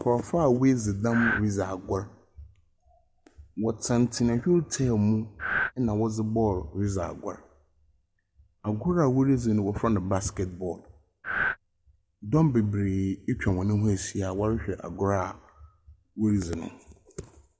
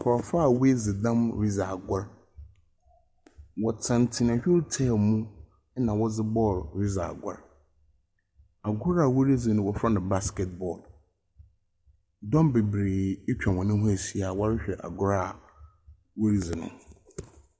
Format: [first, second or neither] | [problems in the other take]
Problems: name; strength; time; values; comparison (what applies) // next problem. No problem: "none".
second | background sound (Breathing); as loud as the speech